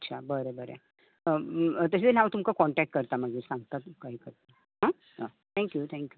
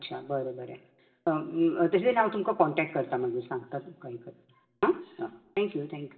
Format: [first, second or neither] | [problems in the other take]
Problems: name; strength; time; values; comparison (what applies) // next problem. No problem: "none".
first | room echo; dies away in 1.4 s